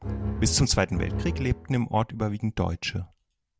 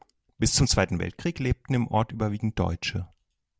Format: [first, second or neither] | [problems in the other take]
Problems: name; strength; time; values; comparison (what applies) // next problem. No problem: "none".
second | background sound (Bowed string instrument); 4 dB below the speech